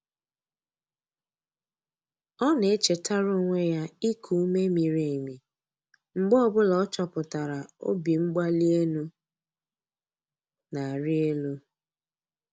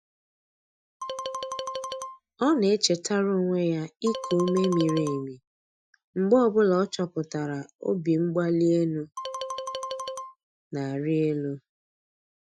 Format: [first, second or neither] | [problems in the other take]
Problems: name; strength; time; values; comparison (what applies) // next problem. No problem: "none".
first | noise reduction (classical method Wiener filter)